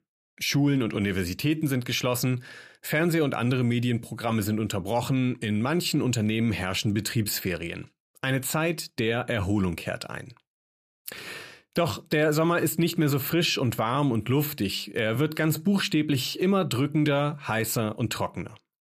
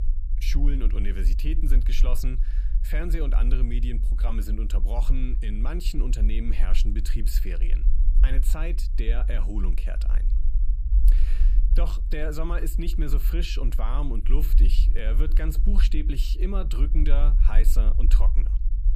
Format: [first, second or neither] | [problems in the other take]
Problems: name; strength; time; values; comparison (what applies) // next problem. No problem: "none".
first | low rumble; noticeable; throughout; 10 dB below the speech